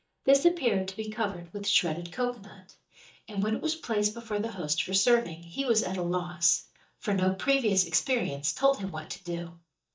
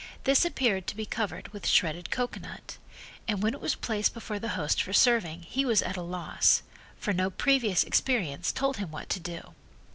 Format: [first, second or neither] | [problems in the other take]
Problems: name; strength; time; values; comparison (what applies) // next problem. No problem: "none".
second | noise reduction (neural mask model DeepFilterNet 3)